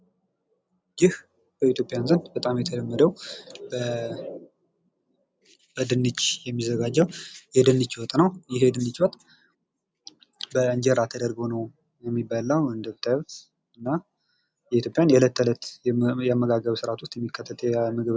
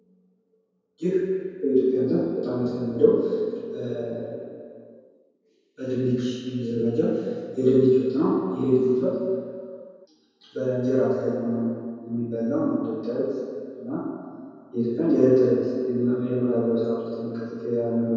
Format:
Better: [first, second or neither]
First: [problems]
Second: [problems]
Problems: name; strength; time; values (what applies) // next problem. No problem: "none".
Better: first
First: none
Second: room echo; dies away in 2.2 s